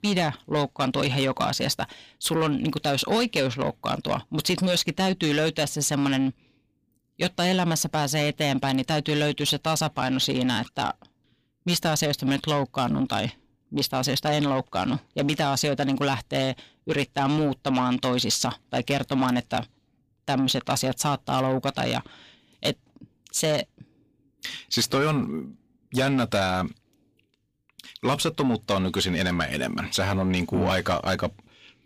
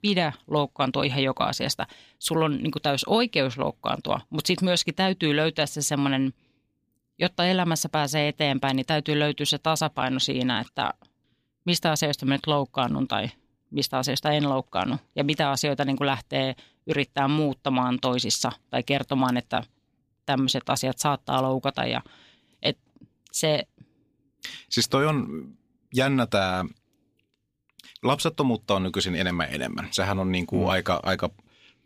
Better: second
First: distortion; slight; 10 dB below the speech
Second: none

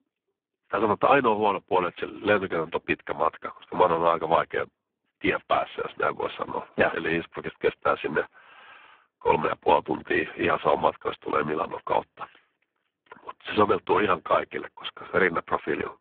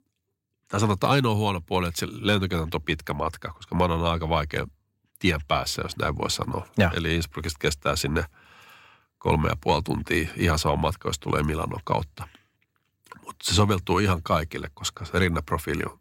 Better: second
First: phone-call audio; poor line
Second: none

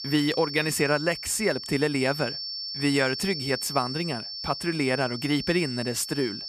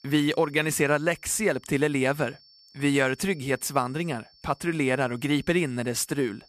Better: second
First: high-pitched whine; loud; throughout; 5.5 kHz, 6 dB below the speech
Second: high-pitched whine; faint; throughout; 5.5 kHz, 30 dB below the speech

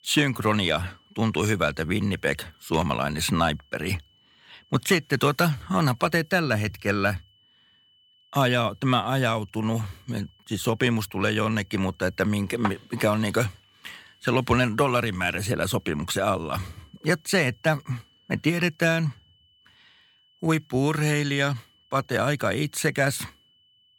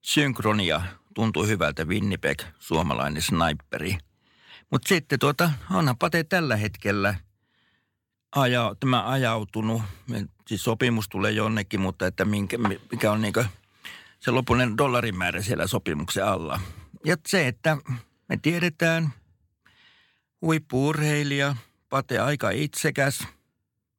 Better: second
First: high-pitched whine; faint; throughout; 3 kHz, 35 dB below the speech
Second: none

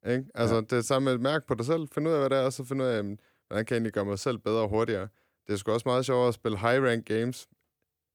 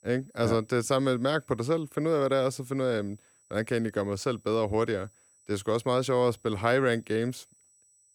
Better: first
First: none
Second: high-pitched whine; faint; throughout; 8 kHz, 30 dB below the speech

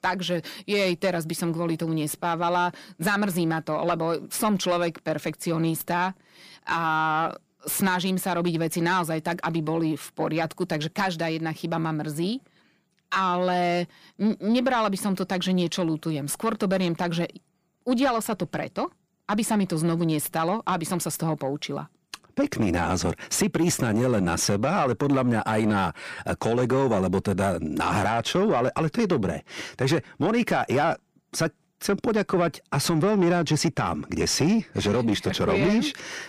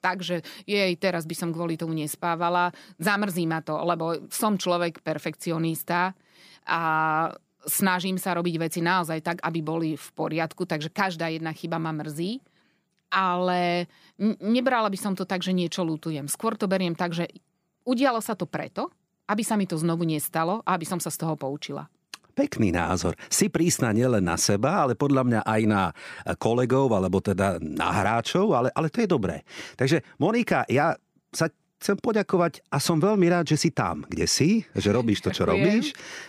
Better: second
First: distortion; slight; 10 dB below the speech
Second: none

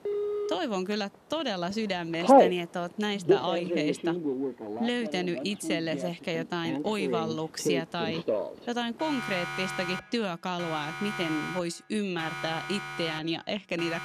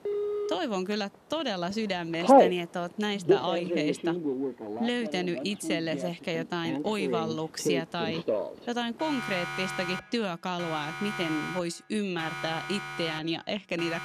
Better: neither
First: alarms or sirens; very loud; throughout; 1 dB above the speech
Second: alarms or sirens; very loud; throughout; 1 dB above the speech

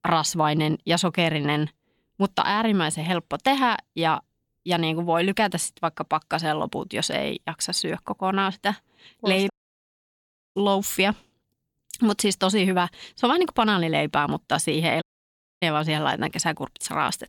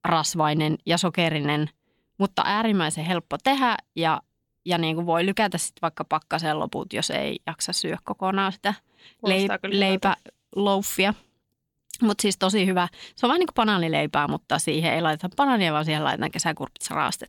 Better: second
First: audio cutting out; at 9.5 s for 1 s and at 15 s for 0.5 s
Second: none

